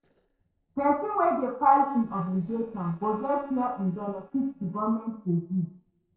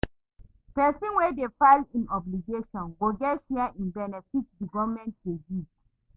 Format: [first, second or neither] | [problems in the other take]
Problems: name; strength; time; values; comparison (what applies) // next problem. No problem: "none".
second | noise reduction (neural separator model SepFormer DNS4)